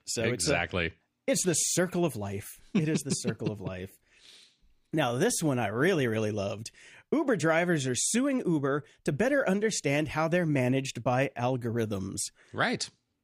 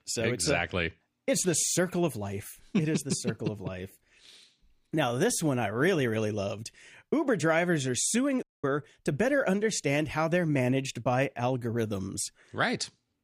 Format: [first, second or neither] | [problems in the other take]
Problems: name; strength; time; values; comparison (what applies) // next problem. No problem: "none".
first | audio cutting out; at 8.5 s